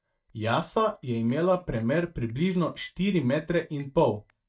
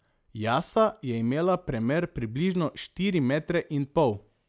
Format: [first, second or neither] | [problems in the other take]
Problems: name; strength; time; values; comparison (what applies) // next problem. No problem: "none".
second | noise reduction (neural mask model DeepFilterNet 3)